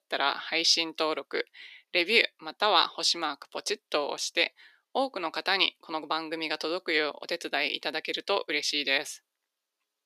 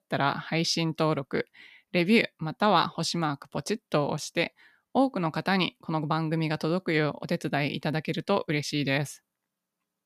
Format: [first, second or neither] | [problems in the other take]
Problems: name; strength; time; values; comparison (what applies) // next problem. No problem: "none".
second | thin; very; fading below 350 Hz